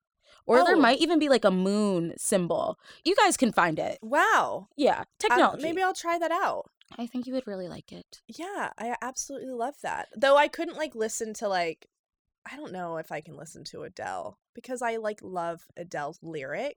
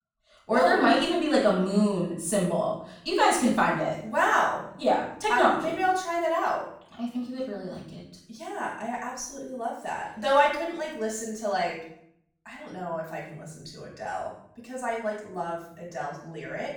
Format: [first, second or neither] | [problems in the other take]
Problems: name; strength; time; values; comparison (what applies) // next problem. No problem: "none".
first | off-mic speech; far // room echo; noticeable; dies away in 0.6 s